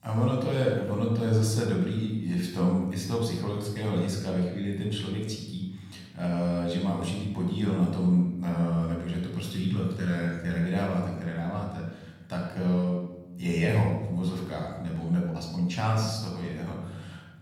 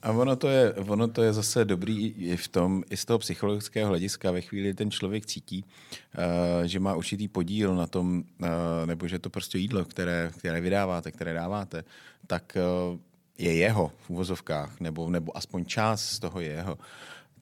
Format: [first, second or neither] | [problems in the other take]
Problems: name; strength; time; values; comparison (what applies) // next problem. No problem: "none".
second | off-mic speech; far // room echo; noticeable; dies away in 1.3 s